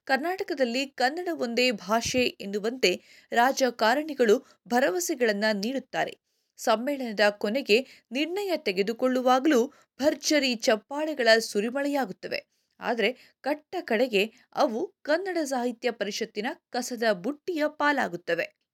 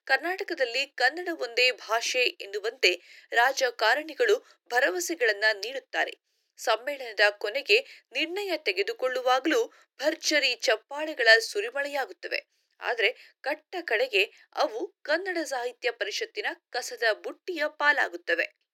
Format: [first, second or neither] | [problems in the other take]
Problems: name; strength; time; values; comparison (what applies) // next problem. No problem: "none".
first | thin; very; fading below 300 Hz